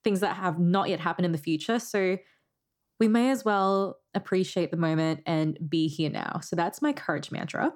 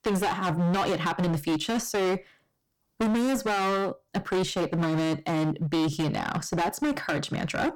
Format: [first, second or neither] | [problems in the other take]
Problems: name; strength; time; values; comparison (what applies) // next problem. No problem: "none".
first | distortion; heavy; 25% of the sound clipped